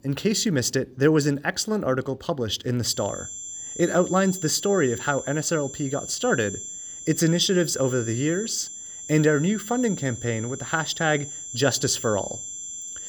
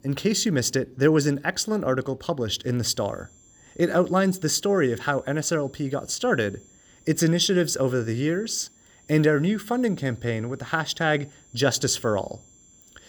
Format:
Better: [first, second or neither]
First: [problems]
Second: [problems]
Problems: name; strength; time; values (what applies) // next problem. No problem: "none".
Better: second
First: high-pitched whine; loud; from 3 s on; 7.5 kHz, 10 dB below the speech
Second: high-pitched whine; faint; from 3 s on; 7.5 kHz, 30 dB below the speech